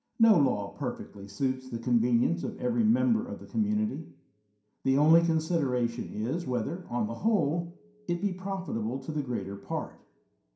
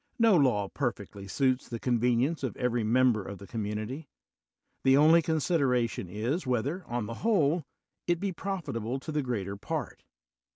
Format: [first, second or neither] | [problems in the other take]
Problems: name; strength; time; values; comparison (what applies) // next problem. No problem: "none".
second | room echo; dies away in 0.5 s